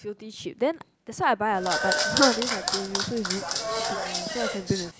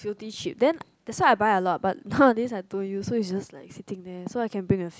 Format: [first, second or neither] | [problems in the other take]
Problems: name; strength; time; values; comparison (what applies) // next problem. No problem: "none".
second | background sound (Applause / Clapping); as loud as the speech